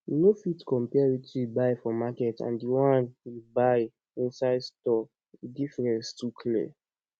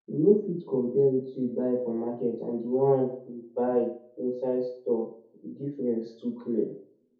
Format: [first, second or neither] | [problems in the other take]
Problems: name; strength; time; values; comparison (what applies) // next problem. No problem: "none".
first | room echo; dies away in 0.5 s